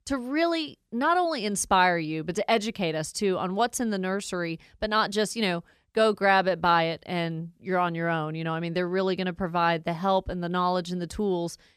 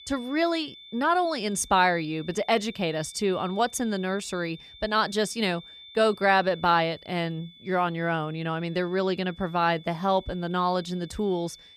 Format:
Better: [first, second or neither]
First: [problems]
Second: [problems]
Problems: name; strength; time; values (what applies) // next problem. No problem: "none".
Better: first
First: none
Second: high-pitched whine; noticeable; throughout; 3.5 kHz, 20 dB below the speech